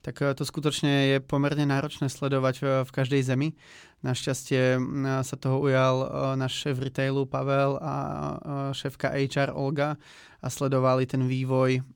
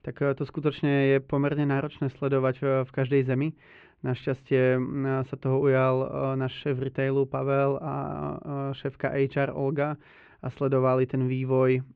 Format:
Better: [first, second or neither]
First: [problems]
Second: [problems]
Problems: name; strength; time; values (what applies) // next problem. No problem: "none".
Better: first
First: none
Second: muffled; very; fading above 2.5 kHz